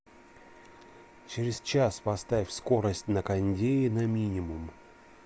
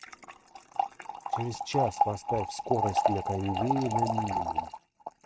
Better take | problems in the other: first | noise reduction (neural mask model RNNoise)

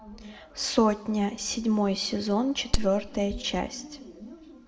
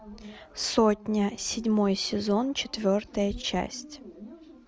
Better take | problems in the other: second | background sound (Crack); 4 dB below the speech // room echo; dies away in 0.9 s

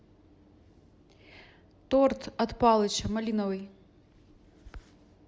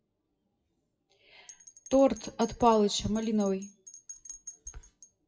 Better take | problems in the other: first | noise reduction (classical method WPE with log-MMSE)

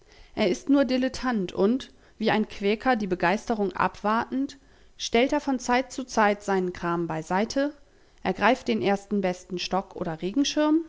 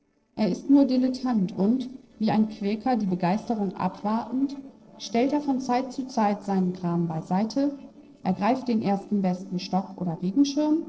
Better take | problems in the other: first | noise reduction (neural separator model SepFormer DNS4)

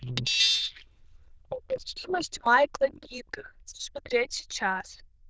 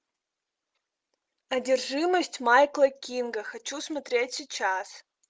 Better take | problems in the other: second | noise reduction (neural diffusion model UNIVERSE++)

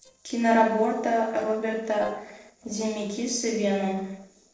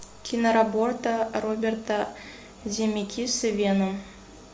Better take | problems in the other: second | noise reduction (neural separator model SepFormer DNS4)

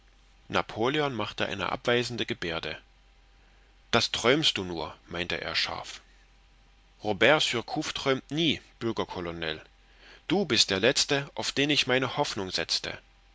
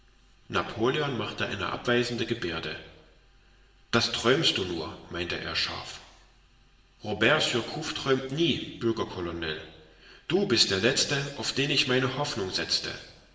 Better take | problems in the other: first | room echo; dies away in 1.1 s

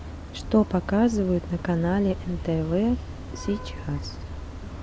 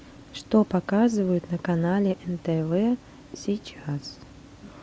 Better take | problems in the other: second | background sound (Vehicle horn, car horn, honking); 9 dB below the speech

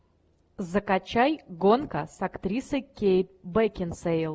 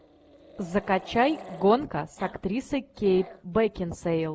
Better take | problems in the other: first | background sound (Growling); 20 dB below the speech

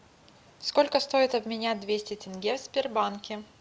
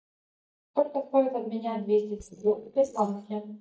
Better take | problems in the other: first | noise reduction (neural mask model DeepFilterNet 3)

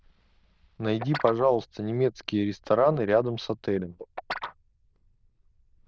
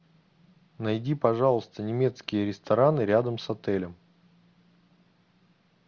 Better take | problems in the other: second | noise reduction (neural diffusion model UNIVERSE++)

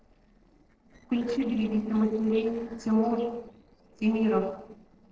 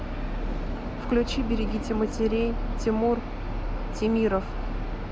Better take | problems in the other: second | noise reduction (neural separator model SepFormer DNS4)

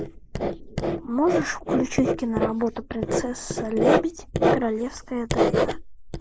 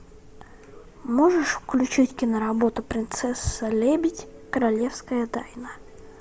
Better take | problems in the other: second | noise reduction (neural mask model Resemble Enhance denoiser)

